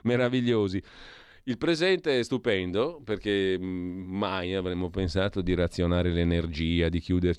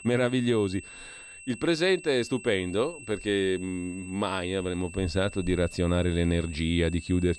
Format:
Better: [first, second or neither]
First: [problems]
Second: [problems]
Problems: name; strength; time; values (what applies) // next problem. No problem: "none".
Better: first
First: none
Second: high-pitched whine; noticeable; throughout; 2.5 kHz, 15 dB below the speech